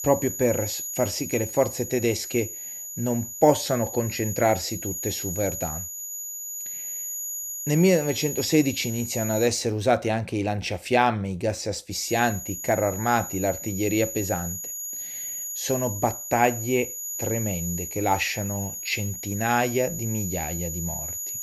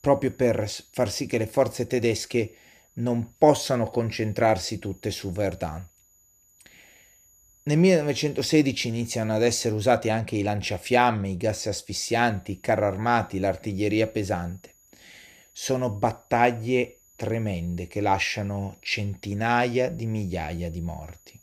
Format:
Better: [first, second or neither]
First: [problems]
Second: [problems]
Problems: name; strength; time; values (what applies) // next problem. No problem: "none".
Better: second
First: high-pitched whine; loud; until 9.5 s and from 12 s on; 7 kHz, 6 dB below the speech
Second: high-pitched whine; faint; until 9.5 s and from 12 s on; 7 kHz, 30 dB below the speech